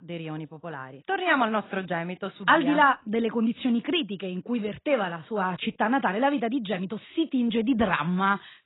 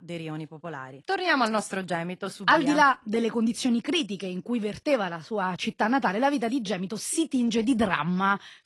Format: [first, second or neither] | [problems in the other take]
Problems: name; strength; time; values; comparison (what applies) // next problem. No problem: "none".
second | garbled, watery; badly; nothing above 4 kHz; slightly in the second